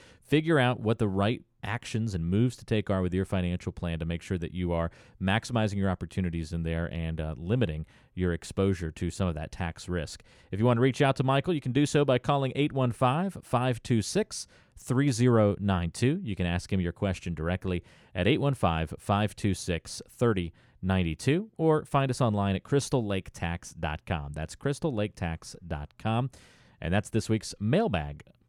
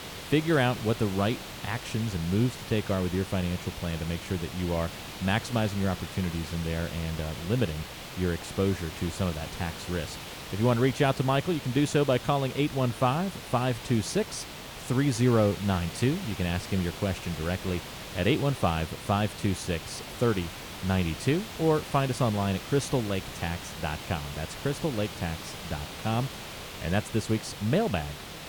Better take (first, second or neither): first